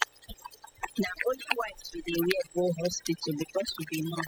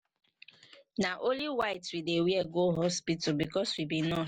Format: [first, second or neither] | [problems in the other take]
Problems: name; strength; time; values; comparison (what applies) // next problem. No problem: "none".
second | noise reduction (classical method spectral subtraction)